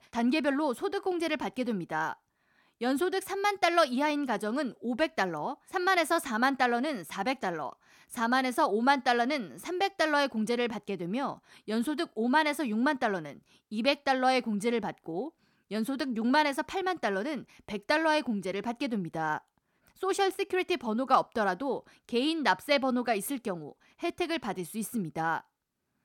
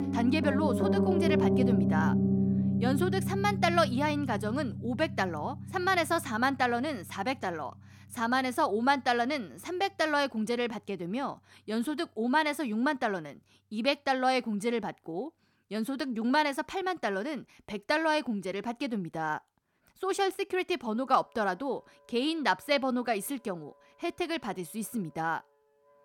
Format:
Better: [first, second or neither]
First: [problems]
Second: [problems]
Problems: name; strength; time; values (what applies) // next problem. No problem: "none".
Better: first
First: none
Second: background music; very loud; throughout; as loud as the speech